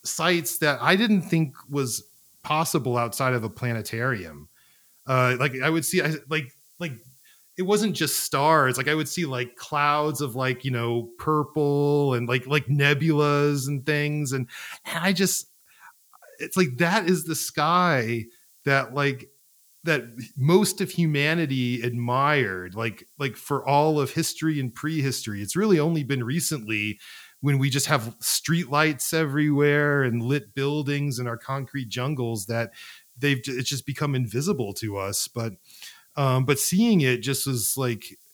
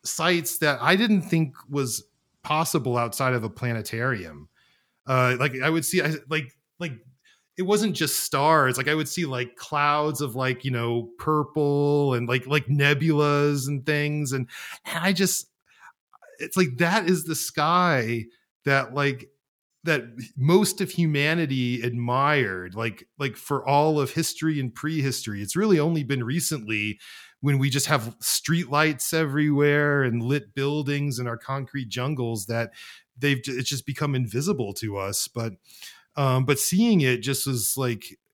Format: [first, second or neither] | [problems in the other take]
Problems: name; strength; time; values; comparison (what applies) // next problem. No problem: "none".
second | hiss; faint; throughout; 30 dB below the speech